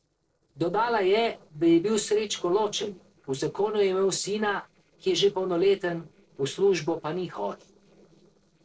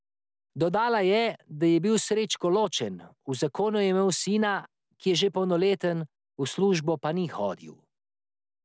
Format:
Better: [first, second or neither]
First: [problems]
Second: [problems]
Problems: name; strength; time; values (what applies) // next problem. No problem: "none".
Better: second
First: noise reduction (neural separator model SepFormer DNS4)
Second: none